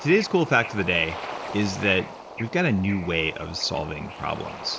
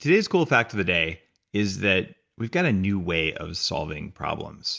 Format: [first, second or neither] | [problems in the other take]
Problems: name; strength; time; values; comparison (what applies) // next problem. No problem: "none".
second | background sound (Bird / Ocean); 12 dB below the speech